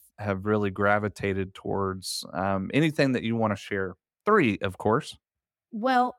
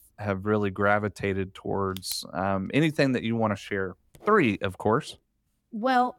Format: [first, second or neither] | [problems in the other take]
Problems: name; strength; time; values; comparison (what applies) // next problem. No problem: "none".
first | household noises; noticeable; throughout; 20 dB below the speech